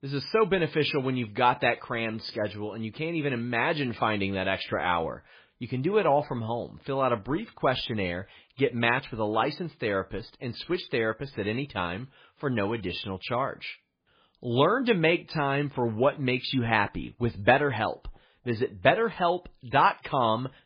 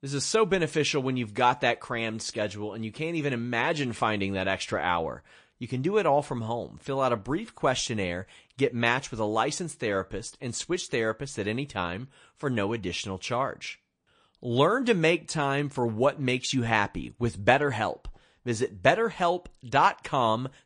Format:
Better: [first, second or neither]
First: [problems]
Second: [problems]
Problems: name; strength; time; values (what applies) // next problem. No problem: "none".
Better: second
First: garbled, watery; badly; nothing above 5 kHz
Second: garbled, watery; slightly; nothing above 9 kHz